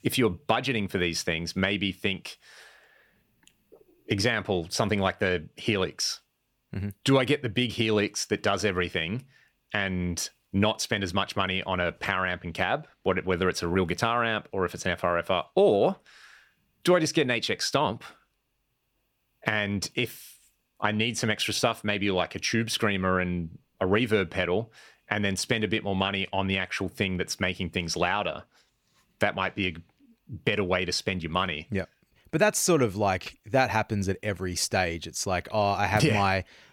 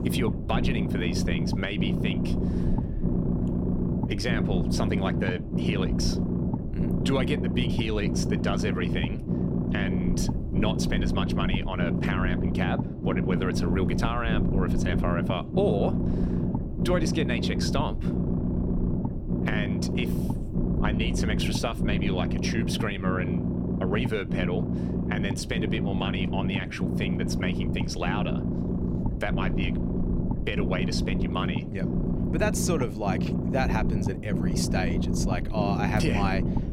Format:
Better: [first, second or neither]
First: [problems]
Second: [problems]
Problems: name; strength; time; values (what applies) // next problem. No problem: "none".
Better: first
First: none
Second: low rumble; loud; throughout; 3 dB below the speech